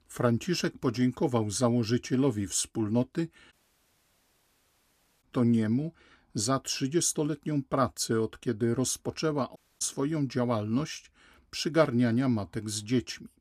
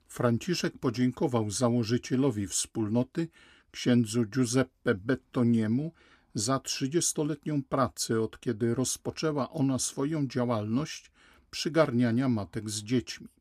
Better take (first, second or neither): second